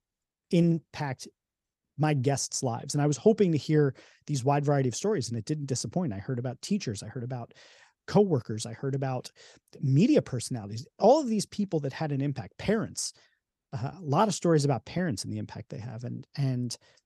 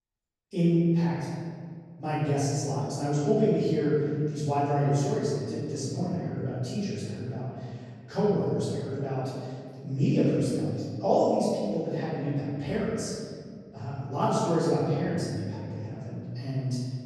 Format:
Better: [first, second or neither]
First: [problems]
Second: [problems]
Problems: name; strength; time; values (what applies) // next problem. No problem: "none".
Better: first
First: none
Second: off-mic speech; far // room echo; strong; dies away in 1.9 s